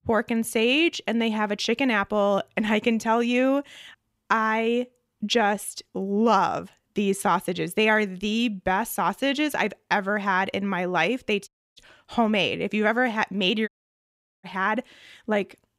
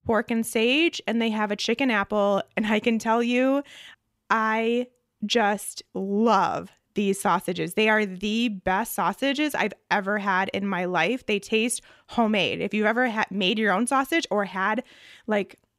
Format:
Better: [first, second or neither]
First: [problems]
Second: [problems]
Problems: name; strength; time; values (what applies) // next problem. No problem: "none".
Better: second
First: audio cutting out; at 11 s and at 14 s for 1 s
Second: none